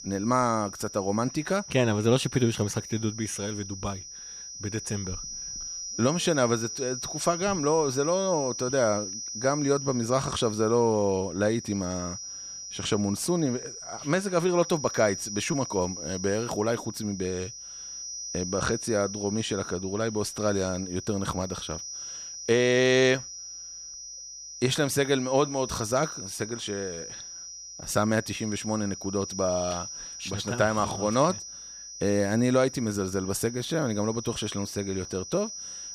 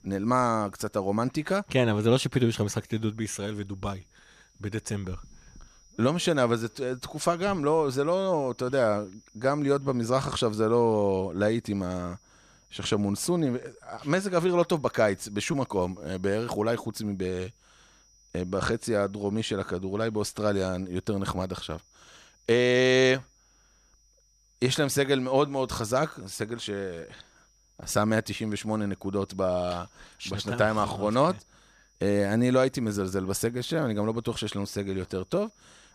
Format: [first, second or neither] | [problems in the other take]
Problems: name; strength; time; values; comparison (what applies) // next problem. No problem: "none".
second | high-pitched whine; loud; throughout; 6 kHz, 9 dB below the speech; faint in the second